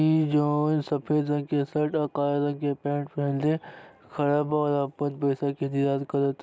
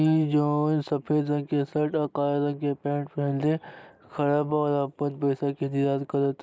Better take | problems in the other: first | noise reduction (neural mask model Resemble Enhance denoiser)

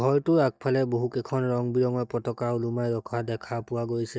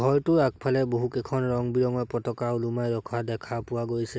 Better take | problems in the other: second | noise reduction (neural mask model DeepFilterNet 3)

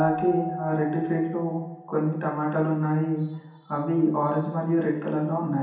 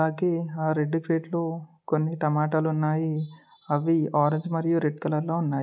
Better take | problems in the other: second | background sound (Keyboard (musical)); 14 dB below the speech // room echo; dies away in 0.9 s

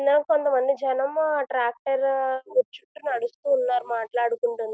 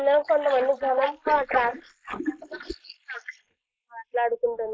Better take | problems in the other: first | noise reduction (neural mask model Resemble Enhance denoiser)

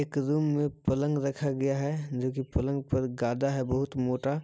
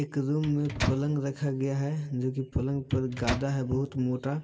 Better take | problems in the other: first | background sound (Microwave oven); 9 dB below the speech // room echo; dies away in 1.3 s

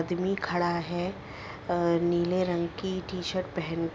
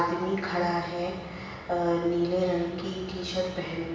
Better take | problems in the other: first | room echo; dies away in 1.1 s

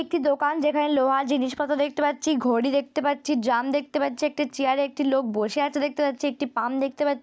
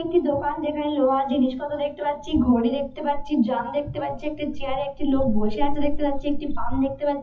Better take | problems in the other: first | noise reduction (classical method WPE with log-MMSE)

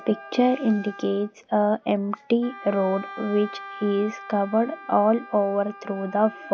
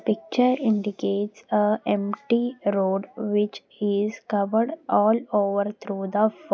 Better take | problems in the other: second | background sound (Wind instrument, woodwind instrument); 17 dB below the speech

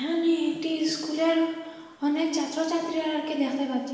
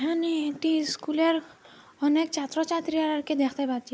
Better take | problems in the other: second | room echo; dies away in 1.2 s

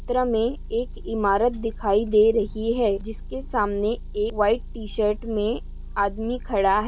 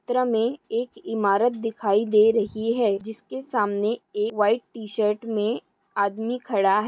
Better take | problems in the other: second | background sound (Motor vehicle (road) / Engine); 11 dB below the speech

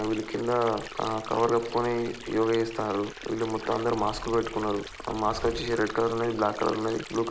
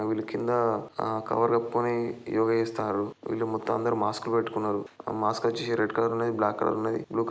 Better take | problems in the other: second | background sound (Subway, metro, underground + Stream); 14 dB below the speech

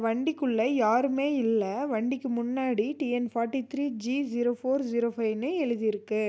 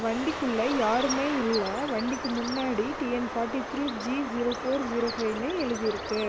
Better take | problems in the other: first | background sound (Bird); 5 dB below the speech

